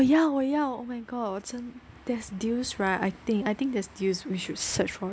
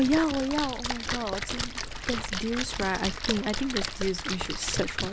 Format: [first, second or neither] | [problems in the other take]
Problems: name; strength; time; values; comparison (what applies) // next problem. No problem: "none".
first | background sound (Splash, splatter); 3 dB below the speech